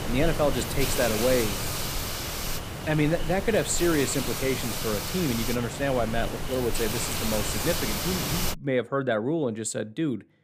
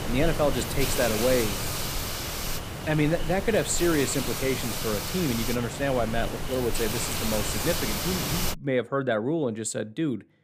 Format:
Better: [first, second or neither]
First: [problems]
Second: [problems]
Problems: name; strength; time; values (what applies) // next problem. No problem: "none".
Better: neither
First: hiss; loud; until 8.5 s; 3 dB below the speech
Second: hiss; loud; until 8.5 s; 3 dB below the speech